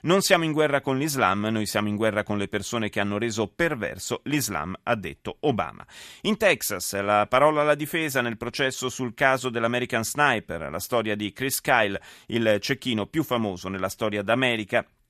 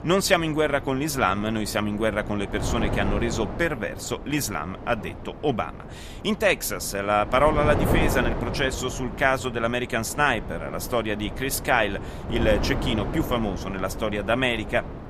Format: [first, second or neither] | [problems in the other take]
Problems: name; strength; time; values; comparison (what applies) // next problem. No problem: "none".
first | wind noise on the microphone; occasional gusts; 10 dB below the speech